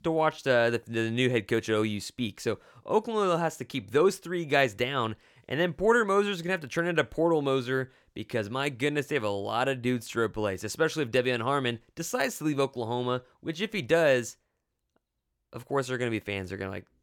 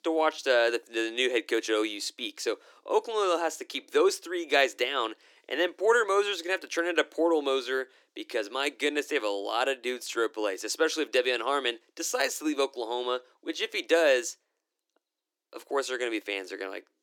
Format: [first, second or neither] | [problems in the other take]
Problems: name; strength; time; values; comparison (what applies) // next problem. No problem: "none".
first | thin; somewhat; fading below 300 Hz